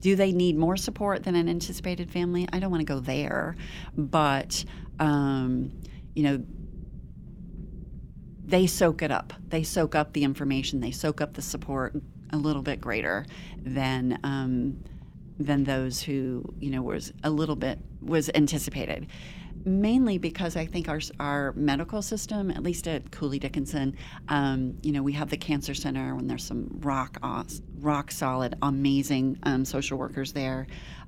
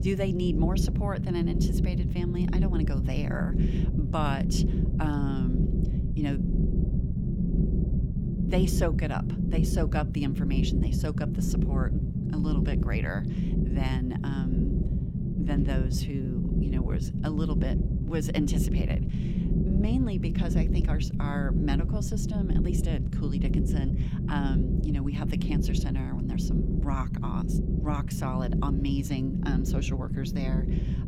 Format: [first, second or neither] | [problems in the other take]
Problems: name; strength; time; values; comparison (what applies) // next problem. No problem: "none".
first | low rumble; loud; throughout; 2 dB below the speech; faint in the first